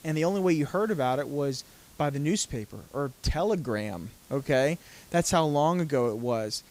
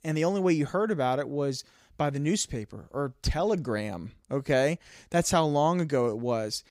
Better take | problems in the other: second | hiss; faint; throughout; 25 dB below the speech

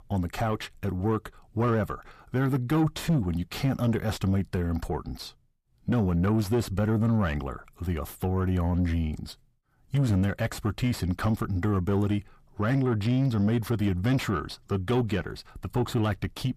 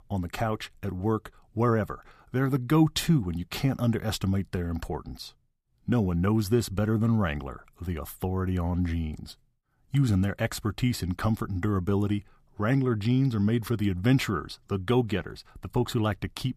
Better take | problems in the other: second | distortion; slight; 10 dB below the speech

